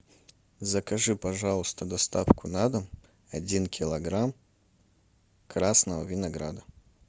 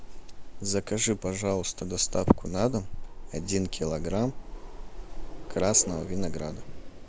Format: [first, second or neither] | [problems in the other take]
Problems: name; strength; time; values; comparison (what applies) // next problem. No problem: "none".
first | background sound (Wind); 6 dB below the speech